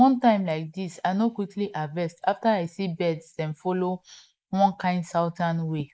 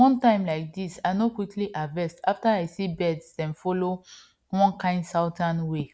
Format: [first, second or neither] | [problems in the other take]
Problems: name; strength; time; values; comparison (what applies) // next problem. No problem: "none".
second | noise reduction (neural mask model Resemble Enhance denoiser)